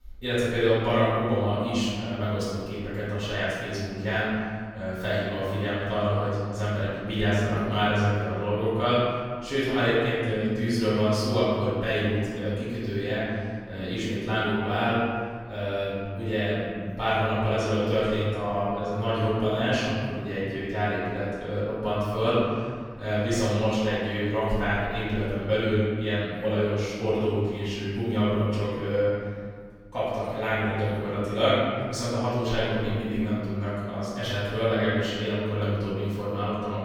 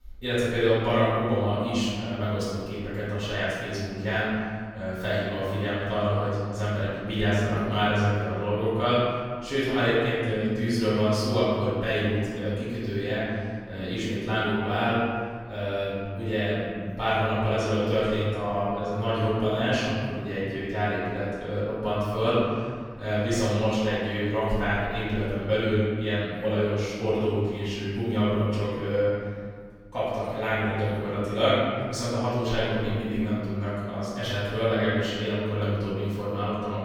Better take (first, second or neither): neither